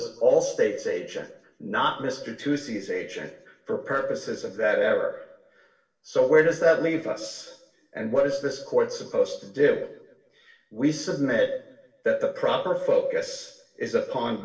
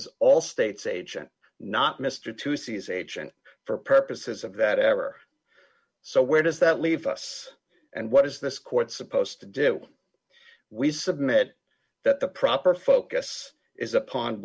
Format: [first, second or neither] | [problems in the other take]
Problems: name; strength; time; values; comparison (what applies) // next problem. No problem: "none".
second | room echo; dies away in 0.7 s